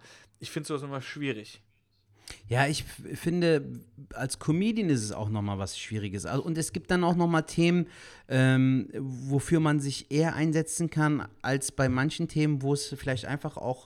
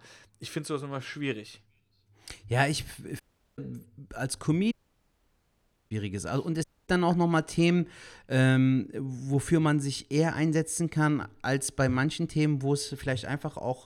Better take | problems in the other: first | audio cutting out; at 3 s, at 4.5 s for 1 s and at 6.5 s

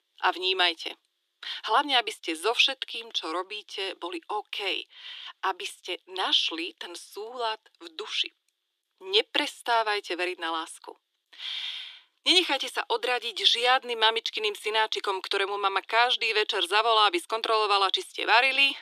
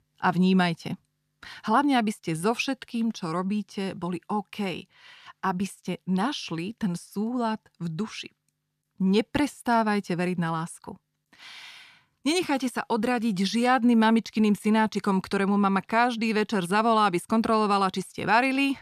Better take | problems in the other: second | thin; very; fading below 300 Hz

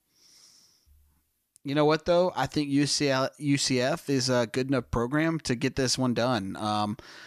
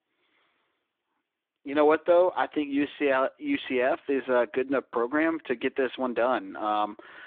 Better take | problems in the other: first | phone-call audio

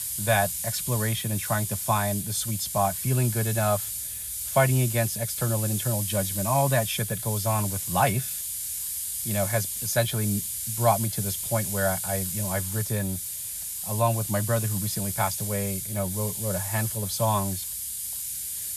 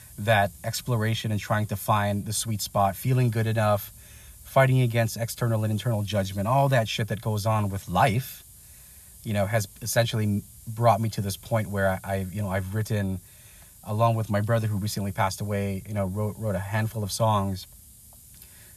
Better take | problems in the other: second | hiss; loud; throughout; 2 dB below the speech; faint in the second

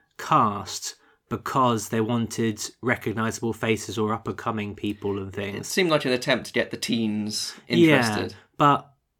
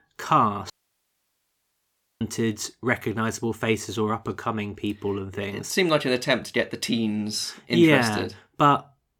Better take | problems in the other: first | audio cutting out; at 0.5 s for 1.5 s

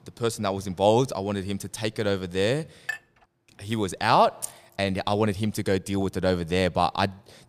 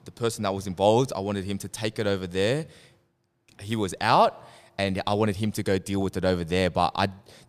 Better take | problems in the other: second | clattering dishes; noticeable; at 3 s; peak 9 dB below the speech // jangling keys; faint; at 4.5 s; peak 10 dB below the speech

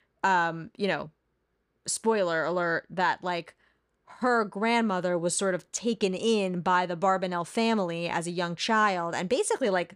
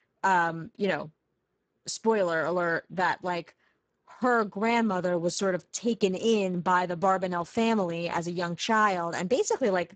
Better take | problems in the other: first | garbled, watery; badly; nothing above 7.5 kHz

